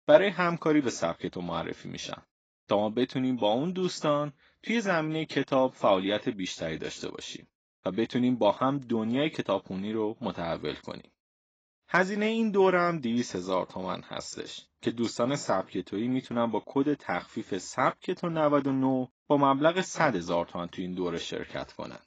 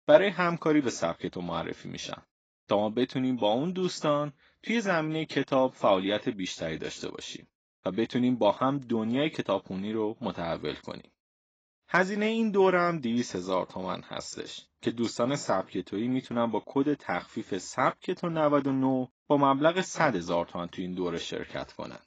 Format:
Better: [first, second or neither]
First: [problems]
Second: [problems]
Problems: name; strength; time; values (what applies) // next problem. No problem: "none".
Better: neither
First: garbled, watery; badly; nothing above 7.5 kHz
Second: garbled, watery; badly; nothing above 7.5 kHz